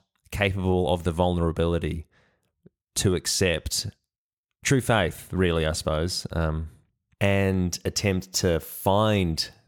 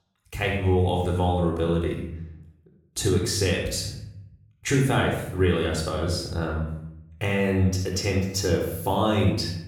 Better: first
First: none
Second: off-mic speech; somewhat distant // room echo; noticeable; dies away in 0.7 s

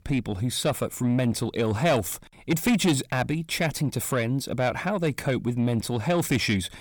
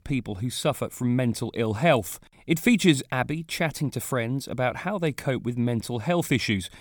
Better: second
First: distortion; slight; 10 dB below the speech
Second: none

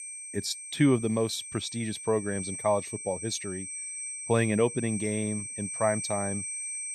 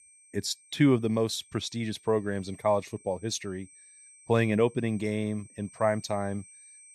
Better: second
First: high-pitched whine; loud; throughout; 8.5 kHz, 6 dB below the speech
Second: high-pitched whine; faint; throughout; 8.5 kHz, 25 dB below the speech

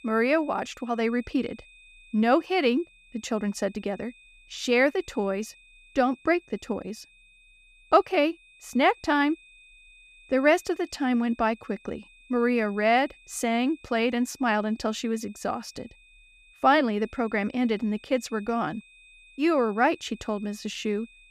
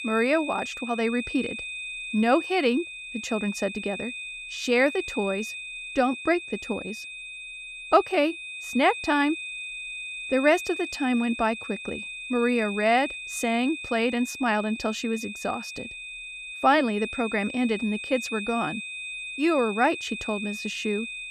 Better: first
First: high-pitched whine; faint; throughout; 2.5 kHz, 25 dB below the speech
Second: high-pitched whine; loud; throughout; 2.5 kHz, 8 dB below the speech

